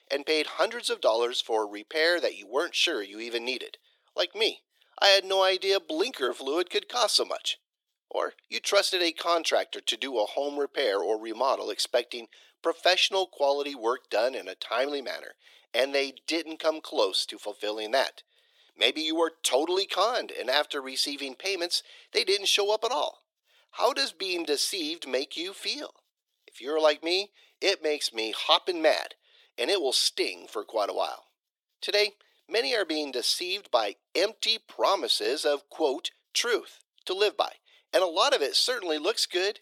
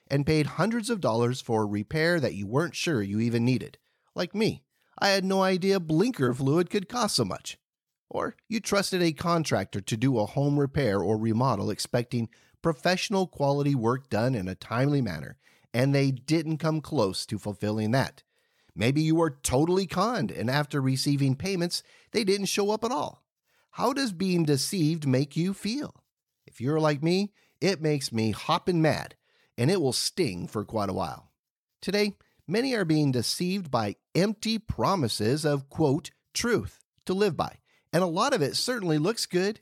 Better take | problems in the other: second | thin; very; fading below 350 Hz

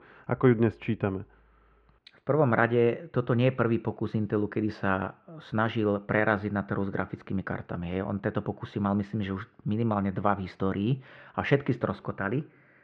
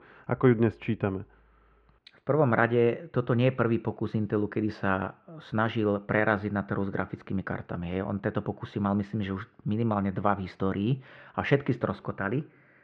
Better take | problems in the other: neither | muffled; very; fading above 2.5 kHz; the same in both

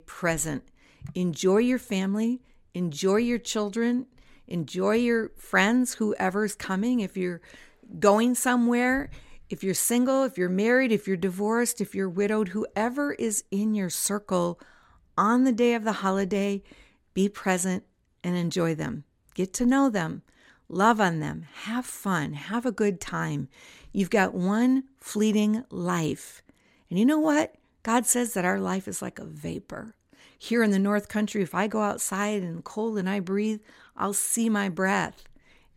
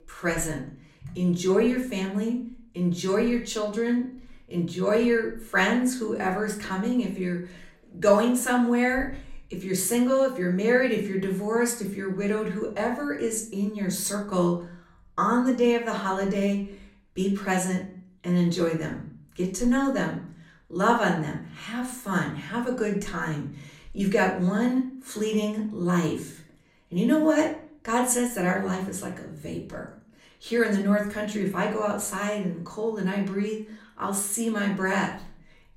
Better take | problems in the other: first | room echo; slight; dies away in 0.4 s // off-mic speech; far

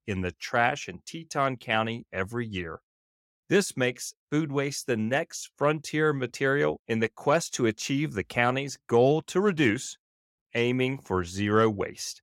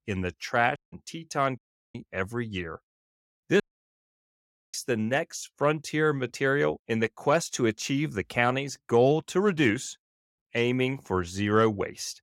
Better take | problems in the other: first | audio cutting out; at 1 s, at 1.5 s and at 3.5 s for 1 s

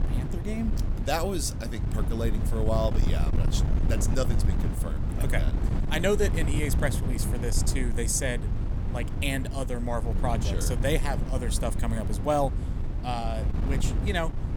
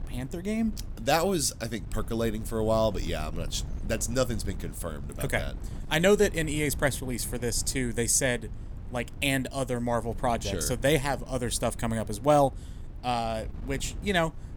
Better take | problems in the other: second | wind noise on the microphone; heavy; 9 dB below the speech; occasional gusts in the second

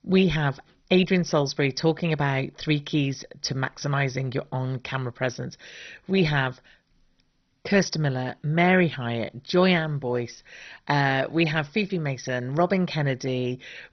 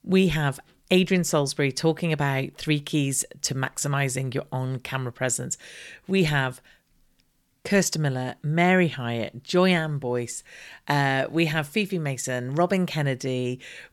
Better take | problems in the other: second | garbled, watery; badly; nothing above 6 kHz

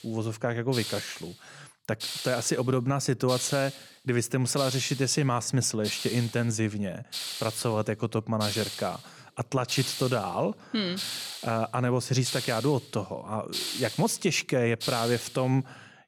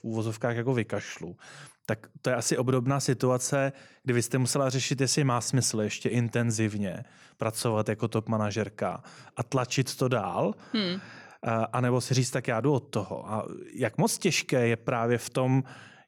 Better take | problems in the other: second | hiss; loud; throughout; 6 dB below the speech

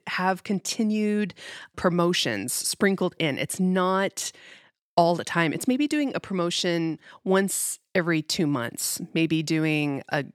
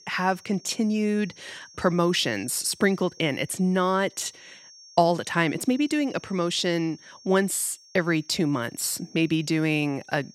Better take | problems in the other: first | high-pitched whine; faint; throughout; 5.5 kHz, 25 dB below the speech

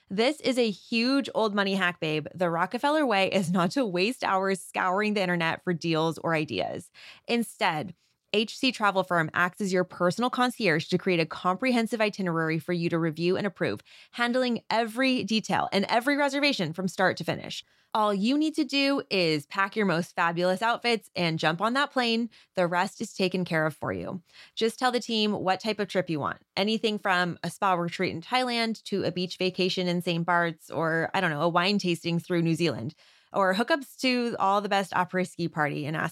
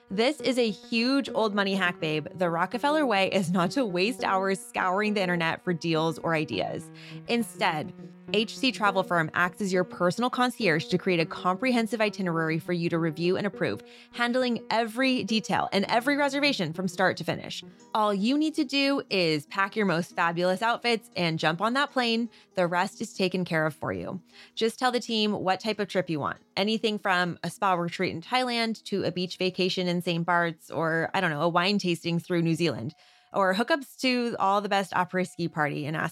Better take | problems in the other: first | background music; noticeable; throughout; 20 dB below the speech

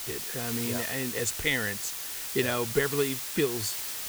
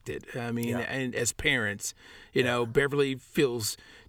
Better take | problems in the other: second | hiss; loud; throughout; 2 dB below the speech

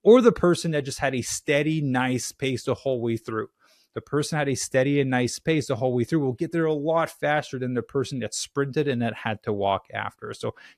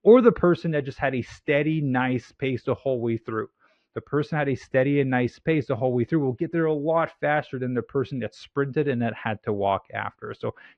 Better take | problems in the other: first | muffled; very; fading above 2.5 kHz

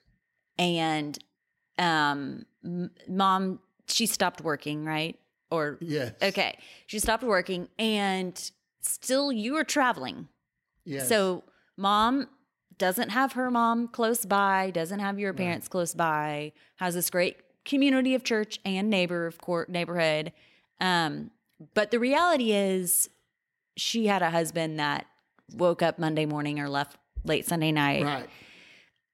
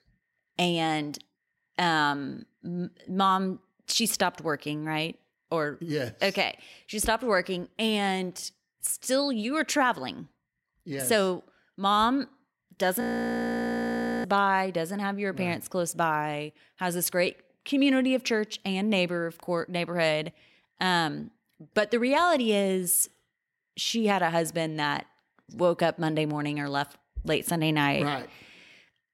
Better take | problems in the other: first | audio freezing; at 13 s for 1 s

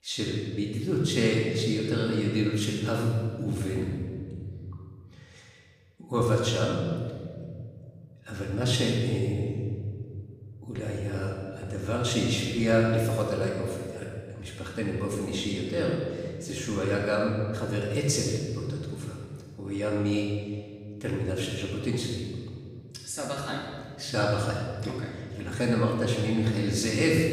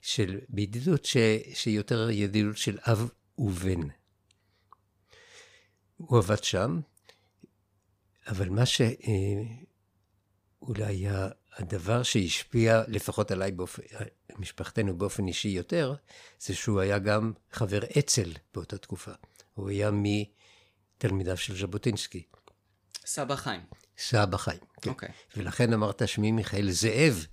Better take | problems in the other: second | off-mic speech; far // room echo; noticeable; dies away in 1.8 s

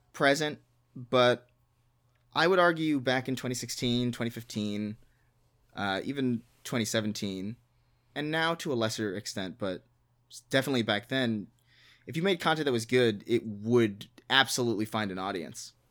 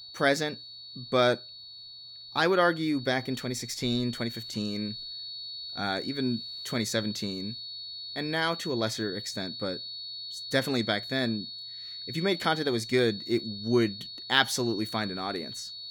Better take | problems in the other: first | high-pitched whine; loud; throughout; 4.5 kHz, 9 dB below the speech

